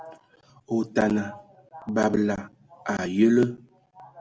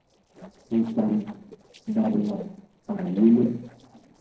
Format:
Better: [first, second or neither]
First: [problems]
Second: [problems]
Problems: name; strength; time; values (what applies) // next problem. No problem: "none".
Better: first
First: none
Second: noise reduction (neural separator model SepFormer DNS4)